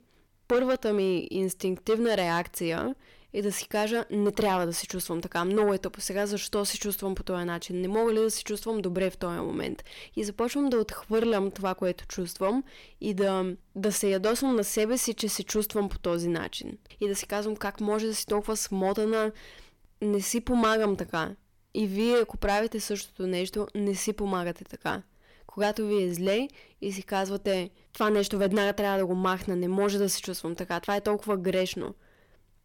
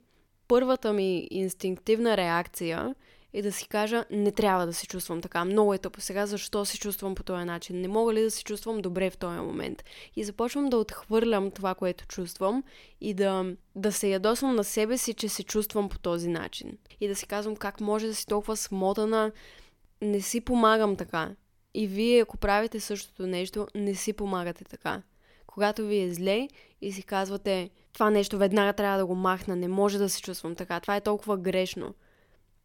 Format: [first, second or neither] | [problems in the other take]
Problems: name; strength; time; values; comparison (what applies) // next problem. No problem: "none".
second | distortion; slight; 10 dB below the speech